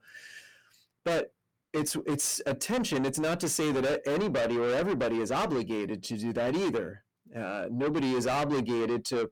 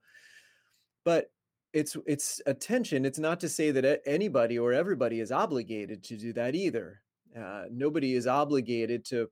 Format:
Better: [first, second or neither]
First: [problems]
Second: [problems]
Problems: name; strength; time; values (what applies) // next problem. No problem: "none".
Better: second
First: distortion; heavy; 6 dB below the speech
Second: none